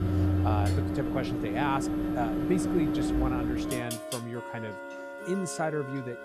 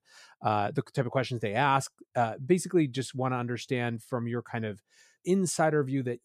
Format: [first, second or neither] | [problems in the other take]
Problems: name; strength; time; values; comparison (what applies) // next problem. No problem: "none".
second | household noises; very loud; throughout; 3 dB above the speech